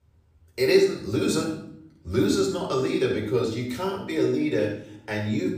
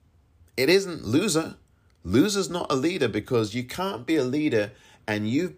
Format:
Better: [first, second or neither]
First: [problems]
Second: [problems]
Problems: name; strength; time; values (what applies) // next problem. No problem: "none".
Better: second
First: off-mic speech; far // room echo; noticeable; dies away in 0.6 s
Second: none